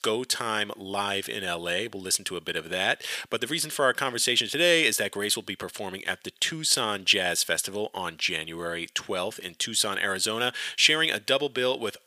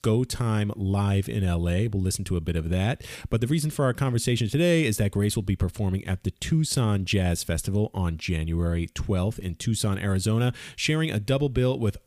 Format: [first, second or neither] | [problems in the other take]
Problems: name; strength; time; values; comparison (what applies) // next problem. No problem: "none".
second | thin; very; fading below 550 Hz